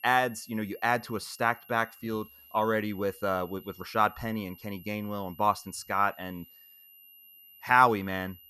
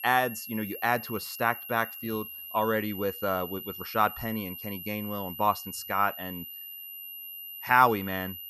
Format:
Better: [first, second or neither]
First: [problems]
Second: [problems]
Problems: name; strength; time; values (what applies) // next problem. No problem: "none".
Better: first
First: high-pitched whine; faint; throughout; 11.5 kHz, 20 dB below the speech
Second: high-pitched whine; loud; throughout; 11.5 kHz, 10 dB below the speech